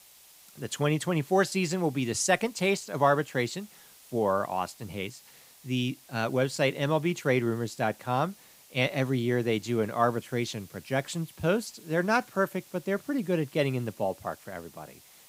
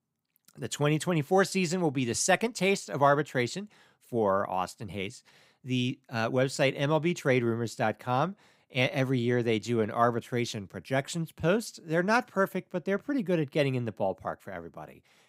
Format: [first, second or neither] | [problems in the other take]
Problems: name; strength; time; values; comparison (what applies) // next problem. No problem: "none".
second | hiss; faint; throughout; 25 dB below the speech